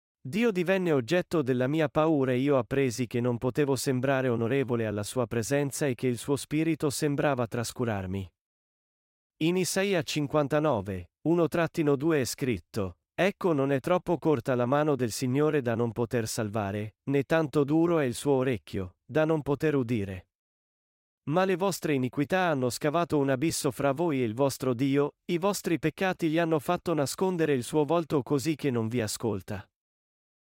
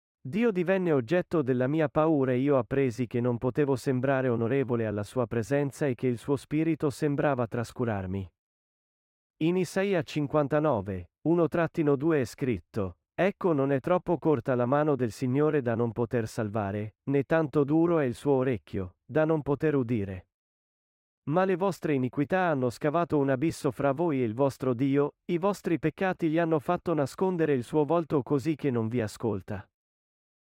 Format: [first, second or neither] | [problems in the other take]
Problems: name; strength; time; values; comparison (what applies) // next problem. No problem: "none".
first | muffled; slightly; fading above 3 kHz